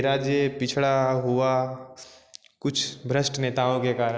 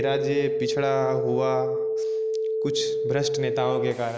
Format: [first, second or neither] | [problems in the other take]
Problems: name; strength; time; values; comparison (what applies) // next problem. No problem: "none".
first | background sound (Telephone); 2 dB above the speech